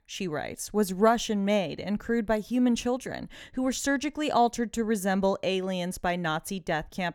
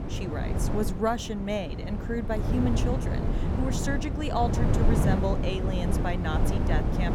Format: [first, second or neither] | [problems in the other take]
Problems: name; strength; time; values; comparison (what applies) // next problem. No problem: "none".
first | wind noise on the microphone; heavy; 3 dB below the speech